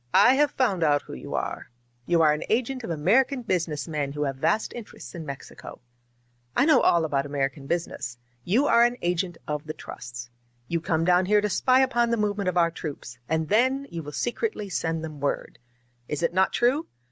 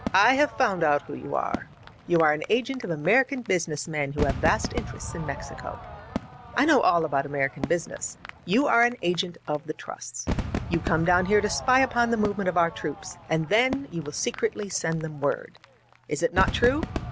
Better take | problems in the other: first | background sound (Crowd / Fireworks); 10 dB below the speech

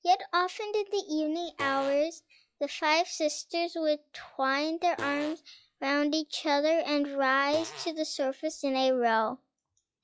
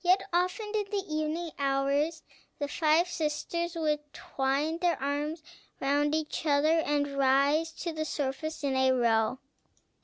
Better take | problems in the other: second | noise reduction (classical method log-MMSE)

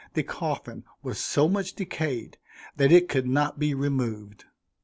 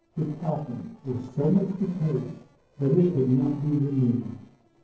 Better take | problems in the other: first | noise reduction (neural separator model SepFormer DNS4)

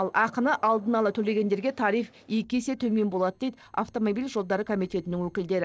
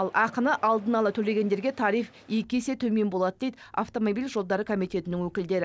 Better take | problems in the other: second | noise reduction (neural separator model SepFormer DNS4)

